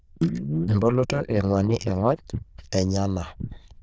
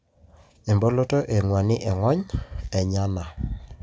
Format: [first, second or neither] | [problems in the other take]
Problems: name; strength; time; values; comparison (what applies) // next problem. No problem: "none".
second | noise reduction (neural diffusion model UNIVERSE++)